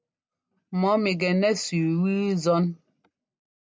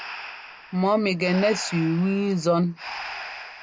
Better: first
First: none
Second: background sound (Breathing); 13 dB below the speech

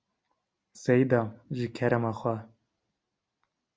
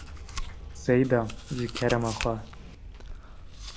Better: first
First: none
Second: background sound (Chewing, mastication); 9 dB below the speech

